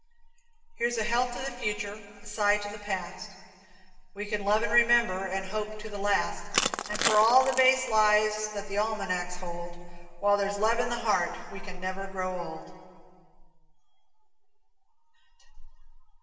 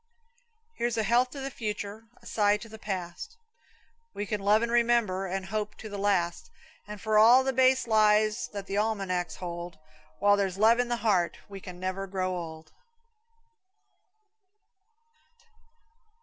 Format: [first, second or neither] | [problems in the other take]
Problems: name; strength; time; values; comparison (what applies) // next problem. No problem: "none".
second | background sound (Crushing); 3 dB below the speech // room echo; dies away in 2 s